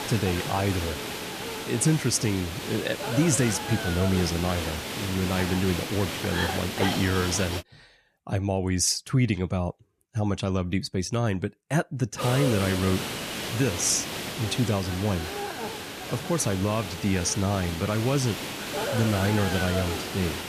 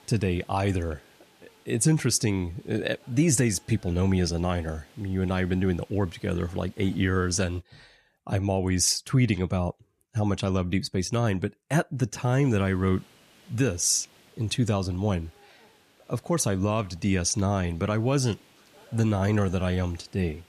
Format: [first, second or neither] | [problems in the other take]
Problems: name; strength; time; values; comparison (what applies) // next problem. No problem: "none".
second | hiss; loud; until 7.5 s and from 12 s on; 5 dB below the speech; faint in the second